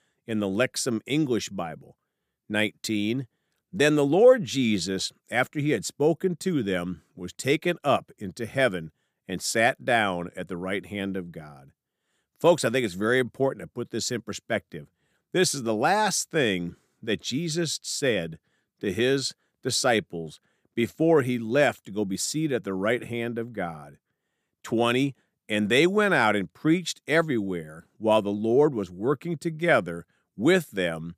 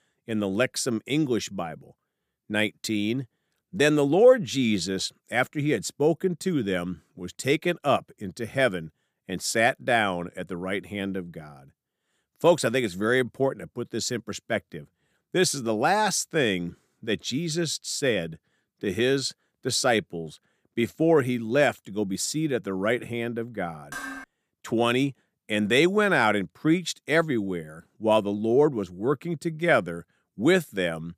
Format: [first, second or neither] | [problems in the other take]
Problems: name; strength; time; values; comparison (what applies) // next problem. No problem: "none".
first | clattering dishes; faint; at 24 s; peak 10 dB below the speech